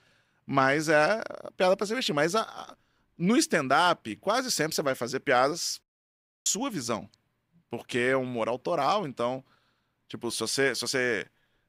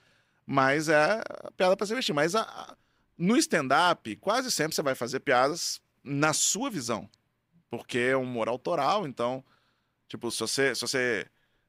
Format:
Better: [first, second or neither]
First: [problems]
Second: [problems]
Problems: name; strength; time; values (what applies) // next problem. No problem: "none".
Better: second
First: audio cutting out; at 6 s for 0.5 s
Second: none